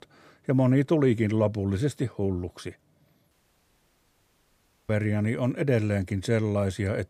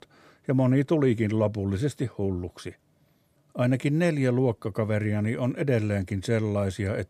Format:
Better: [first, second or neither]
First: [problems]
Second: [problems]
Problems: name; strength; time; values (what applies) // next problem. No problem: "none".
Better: second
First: audio cutting out; at 3.5 s for 1.5 s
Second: none